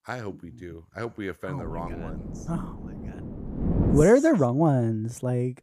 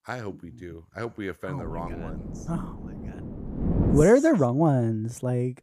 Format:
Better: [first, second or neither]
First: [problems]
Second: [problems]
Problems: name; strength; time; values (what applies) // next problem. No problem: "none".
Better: neither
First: wind noise on the microphone; occasional gusts; from 1.5 to 4 s; 10 dB below the speech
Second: wind noise on the microphone; occasional gusts; from 1.5 to 4 s; 10 dB below the speech